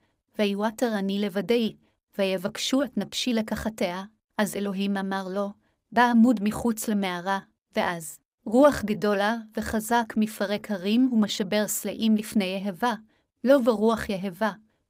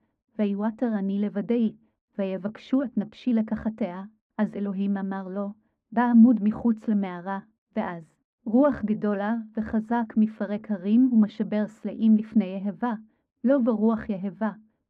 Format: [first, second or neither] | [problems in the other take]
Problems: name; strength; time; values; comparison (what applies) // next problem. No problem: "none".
first | muffled; very; fading above 1.5 kHz